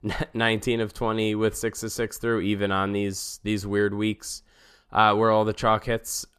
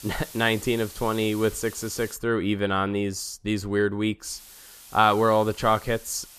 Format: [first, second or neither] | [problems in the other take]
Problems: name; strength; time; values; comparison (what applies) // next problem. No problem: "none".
first | hiss; noticeable; until 2 s and from 4.5 s on; 20 dB below the speech